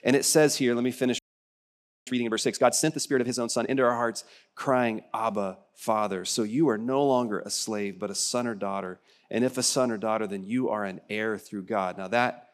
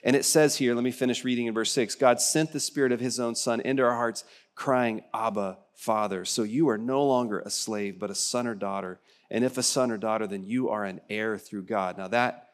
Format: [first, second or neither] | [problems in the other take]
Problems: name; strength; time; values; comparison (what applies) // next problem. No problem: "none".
second | audio freezing; at 1 s for 1 s